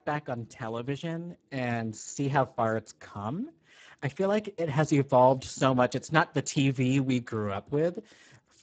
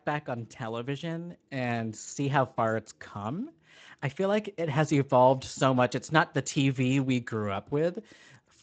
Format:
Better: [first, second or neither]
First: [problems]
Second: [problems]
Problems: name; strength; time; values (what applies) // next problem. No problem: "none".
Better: second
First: garbled, watery; badly; nothing above 7.5 kHz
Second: garbled, watery; slightly; nothing above 7.5 kHz